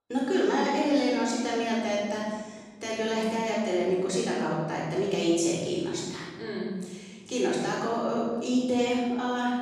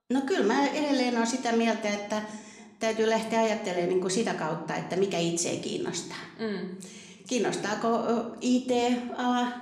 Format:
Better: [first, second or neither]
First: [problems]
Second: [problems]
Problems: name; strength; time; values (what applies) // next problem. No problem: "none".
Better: second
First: room echo; strong; dies away in 1.9 s // off-mic speech; far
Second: room echo; slight; dies away in 0.9 s